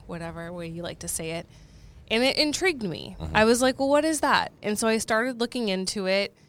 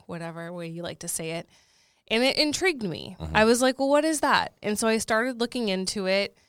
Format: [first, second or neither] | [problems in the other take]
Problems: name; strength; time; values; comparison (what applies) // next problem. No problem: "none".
second | rain or running water; faint; throughout; 25 dB below the speech